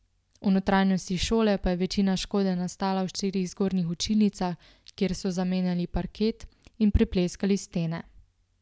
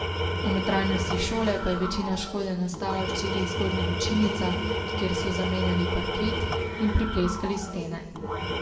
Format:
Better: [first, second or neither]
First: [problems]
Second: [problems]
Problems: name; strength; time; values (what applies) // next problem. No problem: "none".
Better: first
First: none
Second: background sound (Tools); 1 dB below the speech // room echo; dies away in 1.8 s